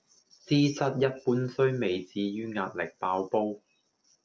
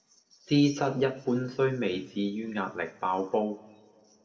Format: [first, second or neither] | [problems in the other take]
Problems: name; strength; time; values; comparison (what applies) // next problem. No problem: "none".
first | room echo; dies away in 0.8 s